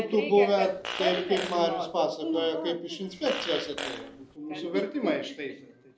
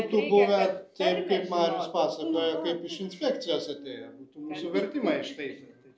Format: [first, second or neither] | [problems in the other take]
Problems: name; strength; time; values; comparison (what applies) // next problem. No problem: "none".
second | background sound (Fart); 10 dB below the speech